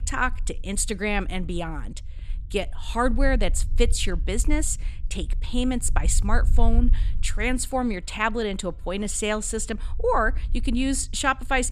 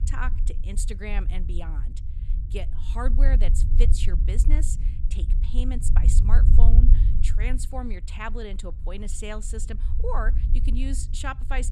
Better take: first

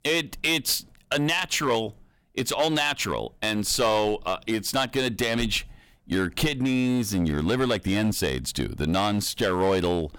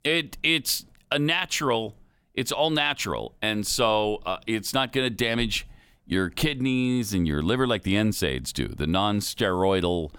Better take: second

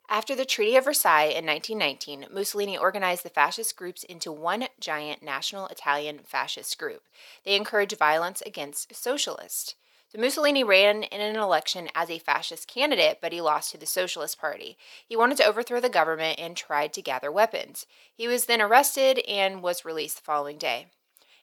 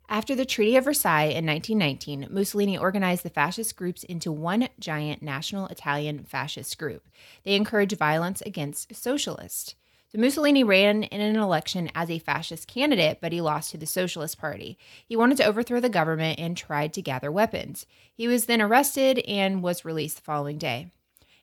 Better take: second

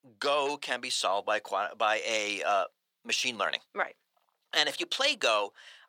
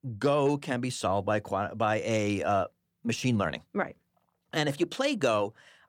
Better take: second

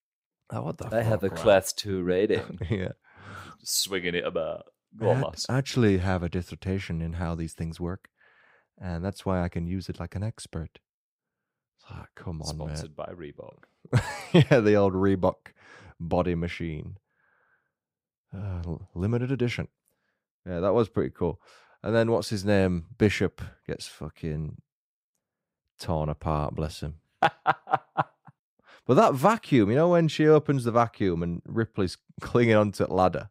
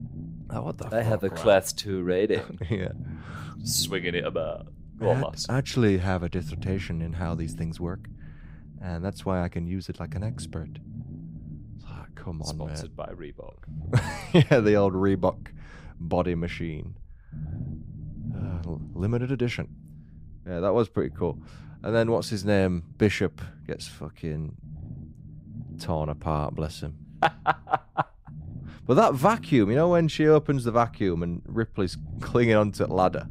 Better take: first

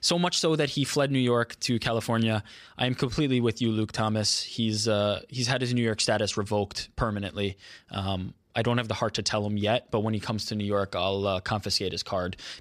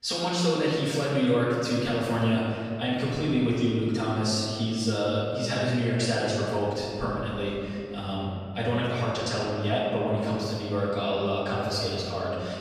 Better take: first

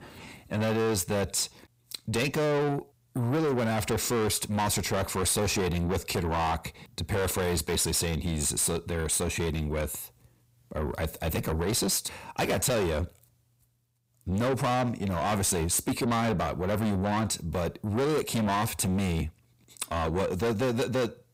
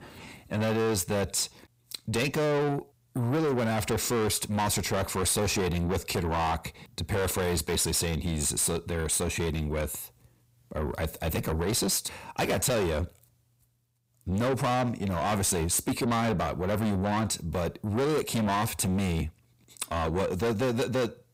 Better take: neither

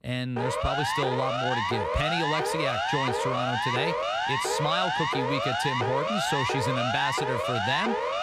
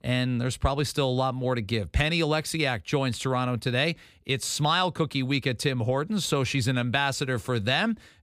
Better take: second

